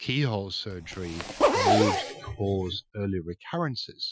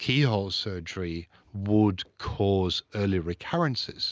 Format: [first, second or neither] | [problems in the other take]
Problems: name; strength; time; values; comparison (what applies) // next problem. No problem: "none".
second | noise reduction (classical method Wiener filter)